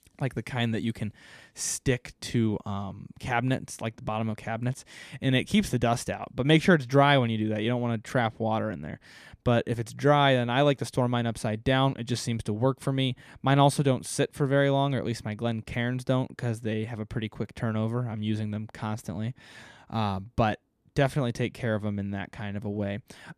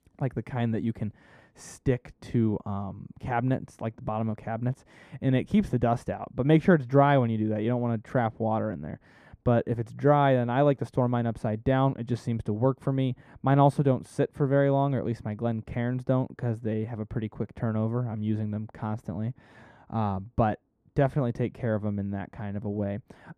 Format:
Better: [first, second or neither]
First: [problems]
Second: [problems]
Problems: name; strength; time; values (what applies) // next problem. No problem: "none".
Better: first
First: none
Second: muffled; very; fading above 2 kHz